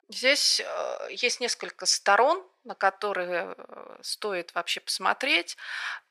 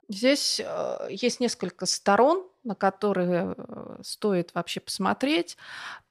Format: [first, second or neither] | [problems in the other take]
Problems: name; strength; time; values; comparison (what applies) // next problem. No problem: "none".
second | thin; very; fading below 600 Hz